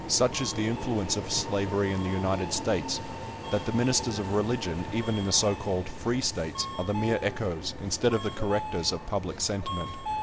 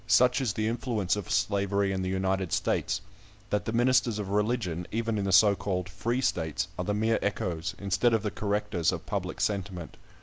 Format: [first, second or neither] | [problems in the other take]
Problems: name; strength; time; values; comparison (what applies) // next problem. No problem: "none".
second | background sound (Subway, metro, underground); 8 dB below the speech